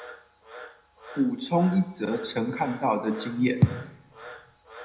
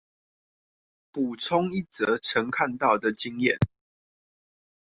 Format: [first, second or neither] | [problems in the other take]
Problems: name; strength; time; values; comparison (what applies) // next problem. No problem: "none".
second | background sound (Frog); 18 dB below the speech // room echo; dies away in 0.8 s